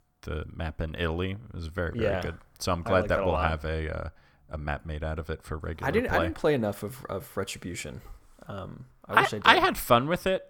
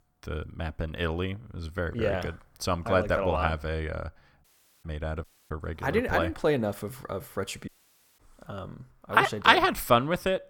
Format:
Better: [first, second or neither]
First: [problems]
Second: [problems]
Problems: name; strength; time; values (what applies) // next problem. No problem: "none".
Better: first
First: none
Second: audio cutting out; at 4.5 s, at 5 s and at 7.5 s for 0.5 s